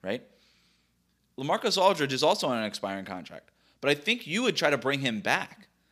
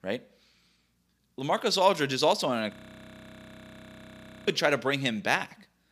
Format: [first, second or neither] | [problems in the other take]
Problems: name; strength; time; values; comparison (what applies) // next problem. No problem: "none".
first | audio freezing; at 2.5 s for 1.5 s